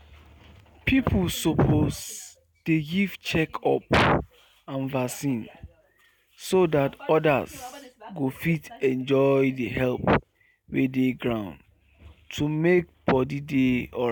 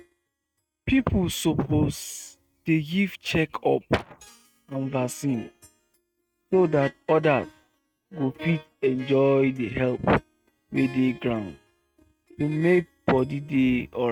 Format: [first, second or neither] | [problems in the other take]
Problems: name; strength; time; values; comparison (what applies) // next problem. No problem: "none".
first | noise reduction (neural mask model RNNoise)